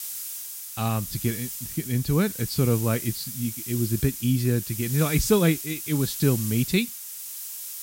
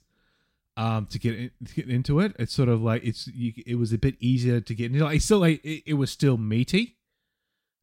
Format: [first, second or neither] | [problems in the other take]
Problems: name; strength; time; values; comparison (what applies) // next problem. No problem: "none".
second | hiss; loud; throughout; 7 dB below the speech